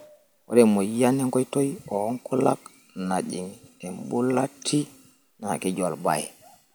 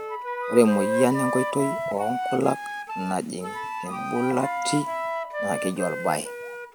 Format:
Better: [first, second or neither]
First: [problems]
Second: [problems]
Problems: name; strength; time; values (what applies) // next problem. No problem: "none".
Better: first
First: none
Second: background sound (Wind instrument, woodwind instrument + Wind instrument, woodwind instrument); 4 dB below the speech